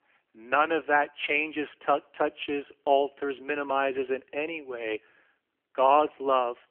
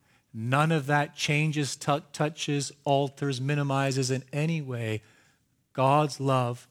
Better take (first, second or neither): second